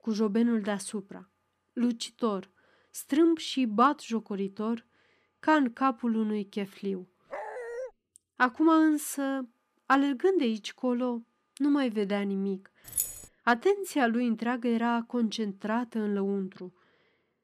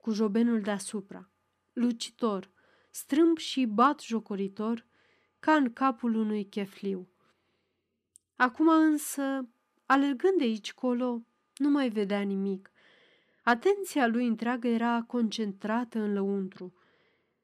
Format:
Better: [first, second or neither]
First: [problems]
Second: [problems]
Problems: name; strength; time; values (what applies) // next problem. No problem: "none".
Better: second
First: dog barking; noticeable; at 7.5 s; peak 10 dB below the speech // jangling keys; noticeable; at 13 s; peak 2 dB below the speech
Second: none